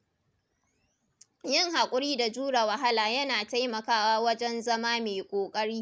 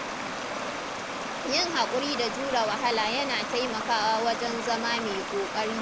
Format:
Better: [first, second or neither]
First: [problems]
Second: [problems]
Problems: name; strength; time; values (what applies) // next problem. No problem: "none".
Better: first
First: none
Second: background sound (Stream); 4 dB below the speech